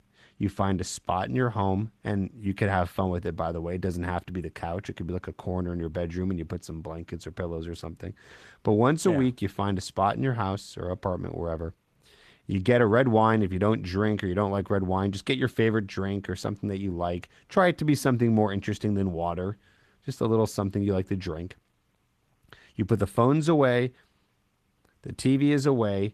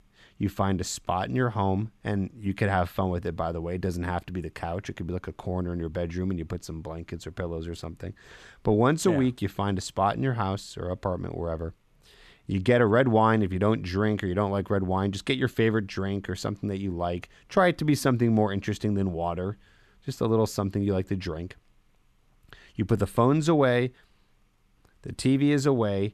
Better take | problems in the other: second | garbled, watery; slightly; nothing above 13.5 kHz

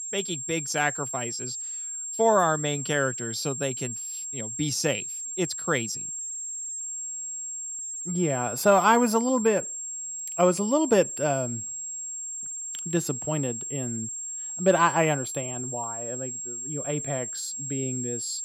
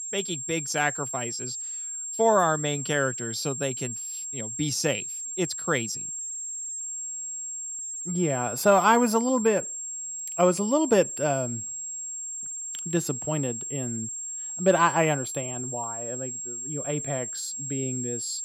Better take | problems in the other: neither | high-pitched whine; loud; throughout; 7.5 kHz, 5 dB below the speech; the same in both

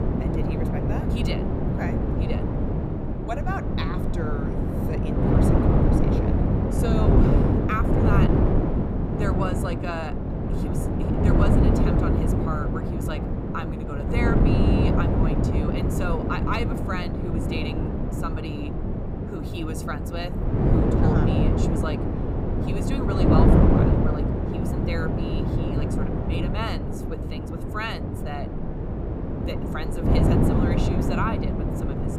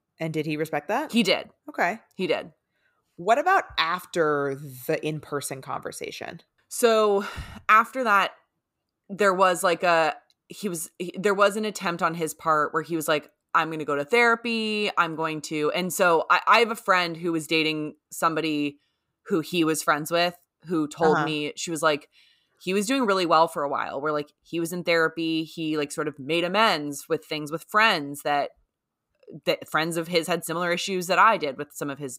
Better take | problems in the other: second | wind noise on the microphone; heavy; 3 dB above the speech

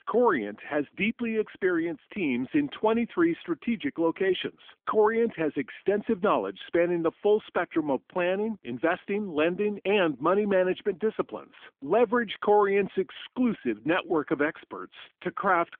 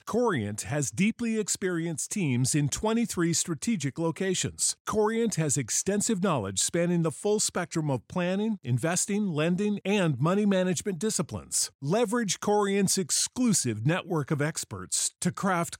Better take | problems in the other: second | phone-call audio; nothing above 3.5 kHz

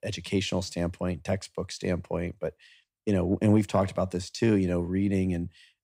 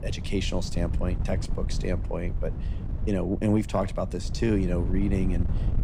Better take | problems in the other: first | wind noise on the microphone; occasional gusts; 15 dB below the speech

